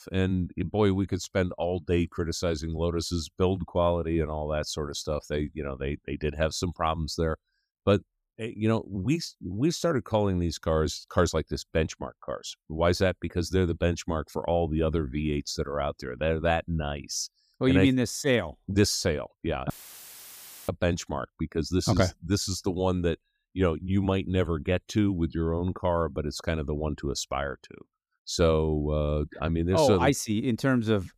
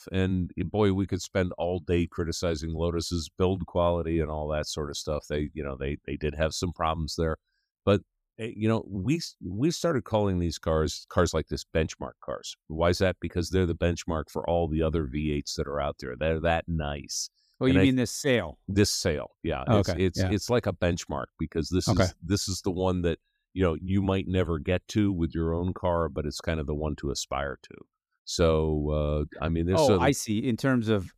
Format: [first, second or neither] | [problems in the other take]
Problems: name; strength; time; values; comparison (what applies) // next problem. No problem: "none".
second | audio cutting out; filled with static; at 20 s for 1 s